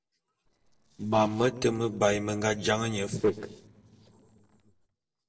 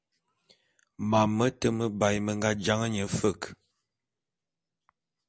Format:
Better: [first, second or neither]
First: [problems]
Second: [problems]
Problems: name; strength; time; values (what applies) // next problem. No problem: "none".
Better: second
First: noise reduction (neural separator model SepFormer DNS4)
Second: none